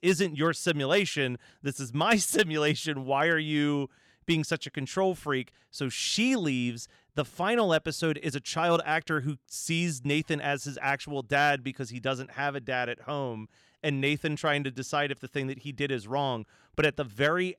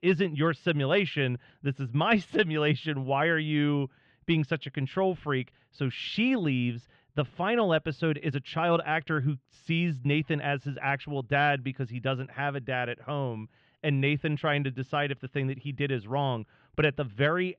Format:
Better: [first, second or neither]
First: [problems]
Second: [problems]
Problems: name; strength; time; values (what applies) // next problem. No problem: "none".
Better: first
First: none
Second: muffled; very; fading above 3 kHz